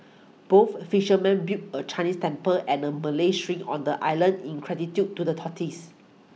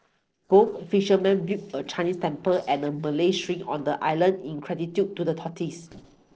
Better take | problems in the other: first | noise reduction (neural separator model SepFormer DNS4)

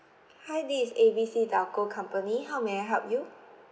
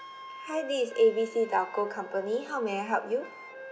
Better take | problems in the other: first | background sound (Wind instrument, woodwind instrument); 16 dB below the speech

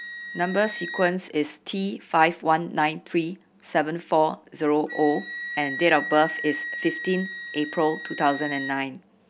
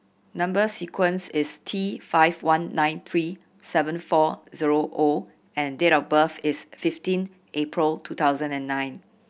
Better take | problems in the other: second | background sound (Wind instrument, woodwind instrument); 11 dB below the speech

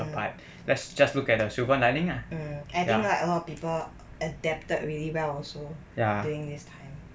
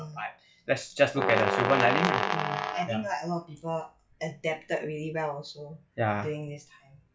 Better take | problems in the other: first | noise reduction (classical method log-MMSE)

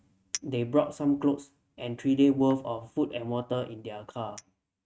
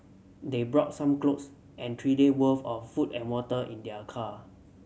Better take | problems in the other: second | noise reduction (neural mask model RNNoise)

